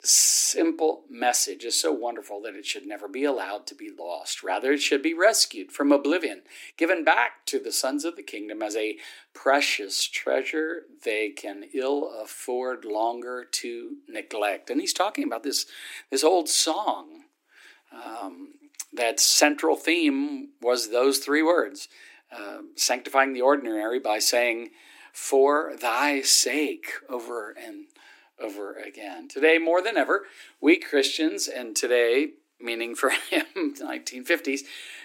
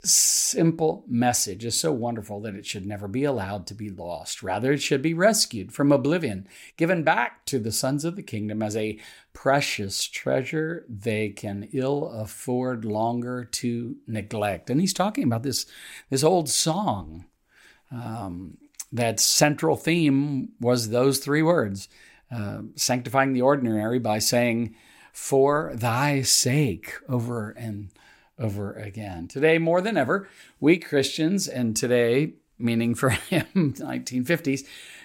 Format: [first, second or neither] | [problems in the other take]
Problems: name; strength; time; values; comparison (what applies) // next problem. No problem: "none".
second | thin; somewhat; fading below 300 Hz